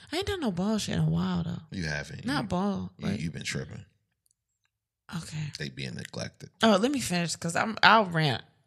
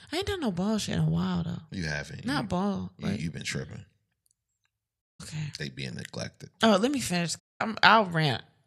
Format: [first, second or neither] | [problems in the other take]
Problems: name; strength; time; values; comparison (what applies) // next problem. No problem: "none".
first | audio cutting out; at 5 s and at 7.5 s